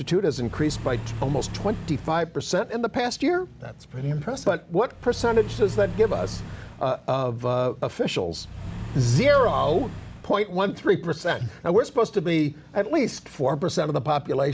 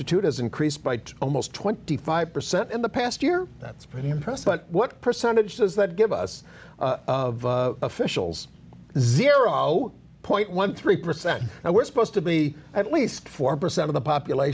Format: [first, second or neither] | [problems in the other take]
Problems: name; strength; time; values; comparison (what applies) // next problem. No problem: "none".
second | background sound (Accelerating, revving, vroom / Car); 10 dB below the speech